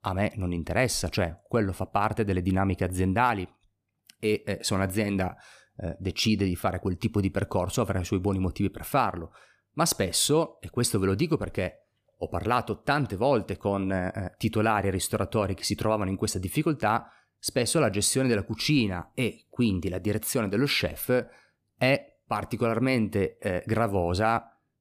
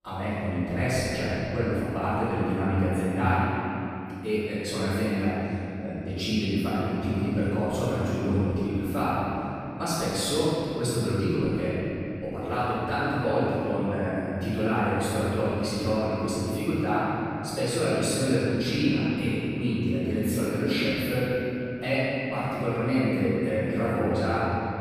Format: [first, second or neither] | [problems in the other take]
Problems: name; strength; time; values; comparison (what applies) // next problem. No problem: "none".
first | room echo; strong; dies away in 3 s // off-mic speech; far